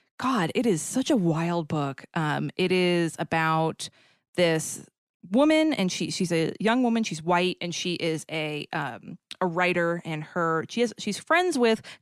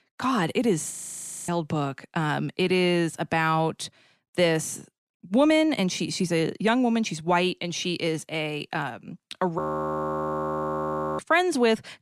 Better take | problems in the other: first | audio freezing; at 1 s for 0.5 s and at 9.5 s for 1.5 s

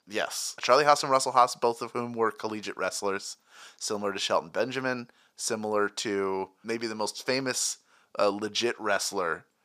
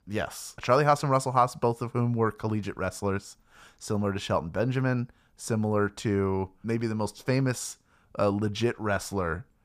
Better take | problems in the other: second | thin; somewhat; fading below 350 Hz

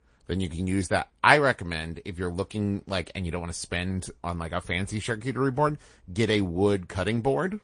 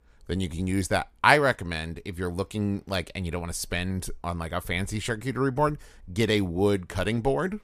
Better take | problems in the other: second | garbled, watery; slightly; nothing above 9 kHz

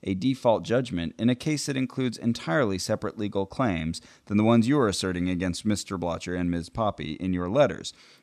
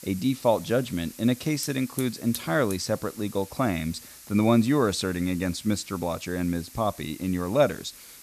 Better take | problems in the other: first | hiss; noticeable; throughout; 15 dB below the speech

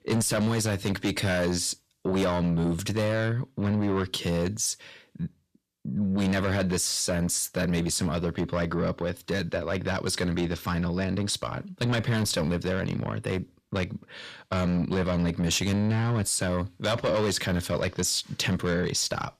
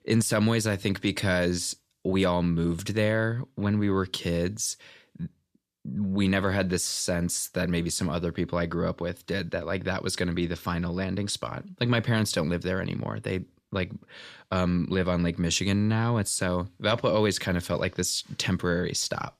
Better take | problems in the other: second | distortion; slight; 10 dB below the speech

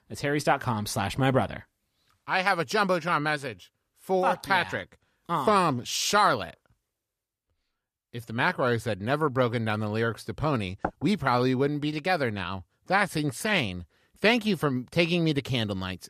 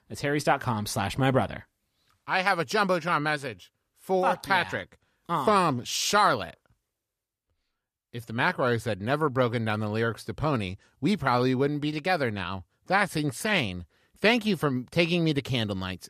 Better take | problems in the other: second | door banging; noticeable; at 11 s; peak 9 dB below the speech

